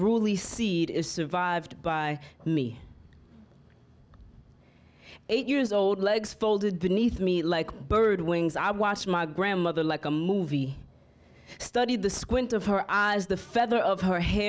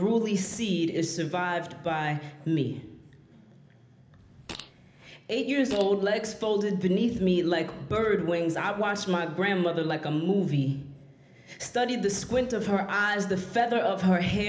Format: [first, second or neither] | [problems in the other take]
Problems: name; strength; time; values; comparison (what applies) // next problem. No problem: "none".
first | background sound (Fart); 18 dB below the speech // room echo; dies away in 0.8 s